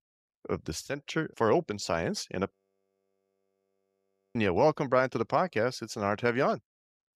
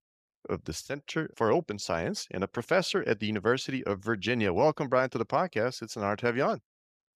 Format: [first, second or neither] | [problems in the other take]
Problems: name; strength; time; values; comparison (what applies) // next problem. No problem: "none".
second | audio freezing; at 2.5 s for 2 s